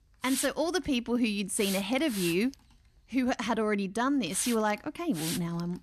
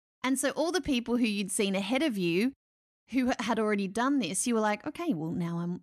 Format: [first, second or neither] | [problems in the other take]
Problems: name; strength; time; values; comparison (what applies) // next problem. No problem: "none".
second | hiss; very faint; throughout; 9 dB below the speech